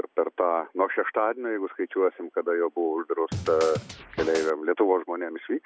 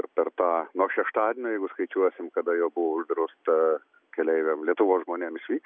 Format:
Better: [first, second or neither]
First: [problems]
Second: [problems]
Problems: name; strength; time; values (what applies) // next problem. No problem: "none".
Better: second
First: background sound (Scratching (performance technique)); 9 dB below the speech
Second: none